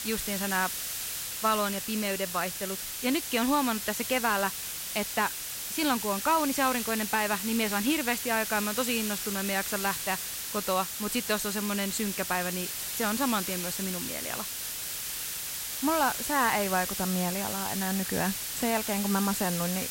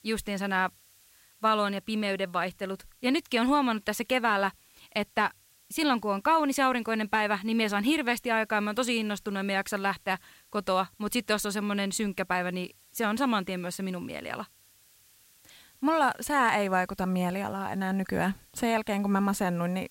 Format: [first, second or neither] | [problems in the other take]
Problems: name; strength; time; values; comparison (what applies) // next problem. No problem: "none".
second | hiss; loud; throughout; 2 dB below the speech; faint in the second